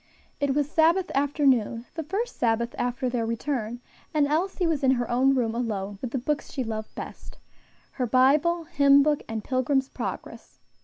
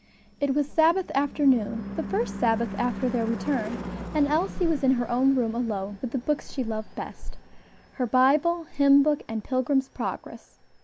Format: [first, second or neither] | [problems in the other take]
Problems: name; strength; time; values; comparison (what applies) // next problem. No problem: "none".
first | background sound (Car passing by / Engine / Truck); 13 dB below the speech